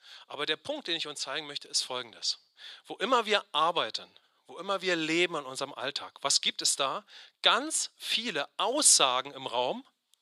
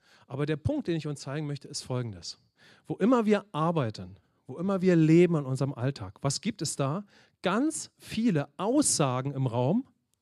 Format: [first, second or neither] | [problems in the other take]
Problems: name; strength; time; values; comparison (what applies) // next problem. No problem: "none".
second | thin; very; fading below 750 Hz